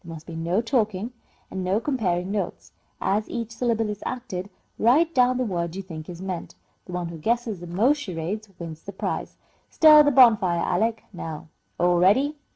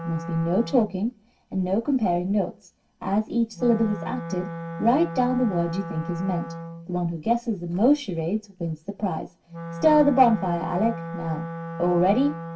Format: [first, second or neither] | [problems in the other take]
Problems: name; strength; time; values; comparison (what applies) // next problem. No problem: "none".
first | background sound (Wind instrument, woodwind instrument); 11 dB below the speech // room echo; dies away in 0.2 s